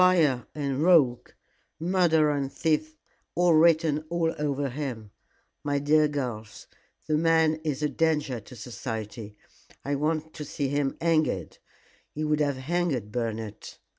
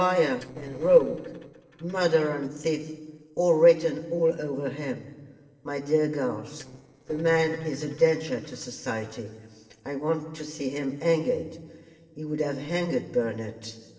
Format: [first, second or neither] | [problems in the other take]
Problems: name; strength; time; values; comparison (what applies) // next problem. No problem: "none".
first | noise reduction (neural separator model SepFormer DNS4)